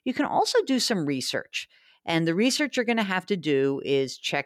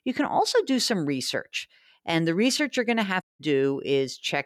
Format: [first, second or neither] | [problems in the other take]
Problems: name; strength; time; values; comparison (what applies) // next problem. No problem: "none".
first | audio cutting out; at 3 s